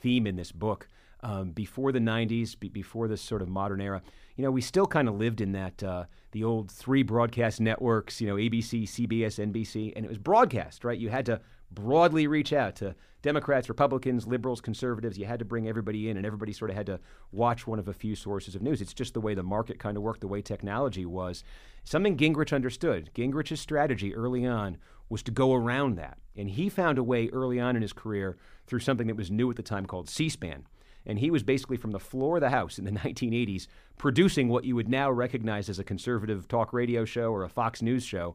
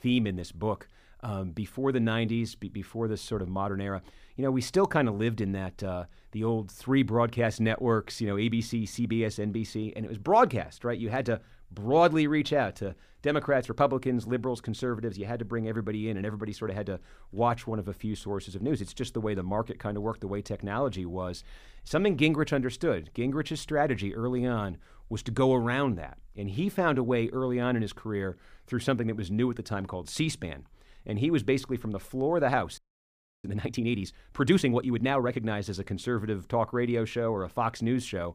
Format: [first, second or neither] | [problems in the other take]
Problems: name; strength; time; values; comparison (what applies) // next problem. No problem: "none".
first | audio freezing; at 33 s for 0.5 s